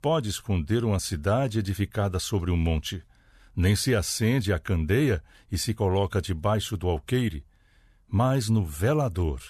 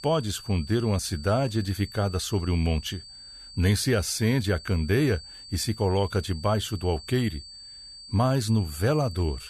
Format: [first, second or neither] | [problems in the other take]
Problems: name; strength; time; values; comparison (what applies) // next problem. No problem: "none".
first | high-pitched whine; noticeable; throughout; 4.5 kHz, 15 dB below the speech